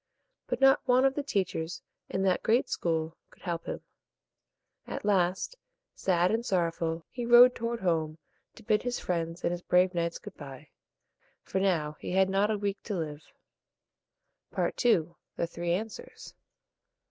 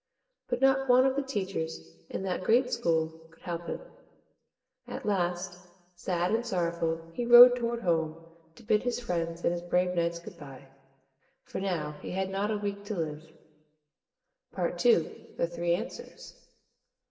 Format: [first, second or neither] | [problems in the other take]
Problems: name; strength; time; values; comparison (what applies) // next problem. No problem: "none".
first | room echo; dies away in 1 s